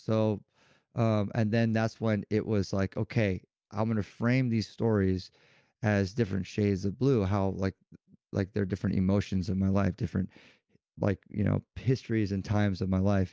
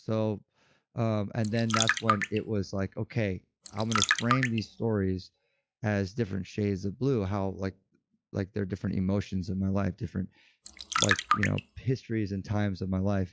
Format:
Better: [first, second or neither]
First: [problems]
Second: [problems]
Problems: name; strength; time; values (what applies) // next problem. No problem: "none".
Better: first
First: none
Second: noise reduction (classical method log-MMSE)